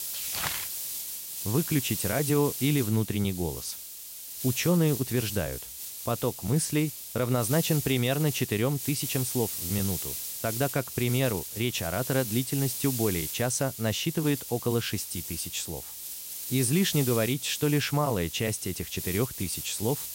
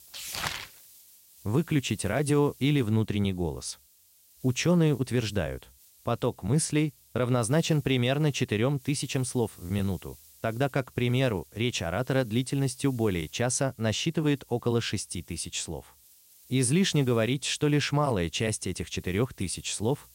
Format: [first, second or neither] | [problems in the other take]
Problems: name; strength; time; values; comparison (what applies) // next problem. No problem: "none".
second | hiss; loud; throughout; 5 dB below the speech; faint in the second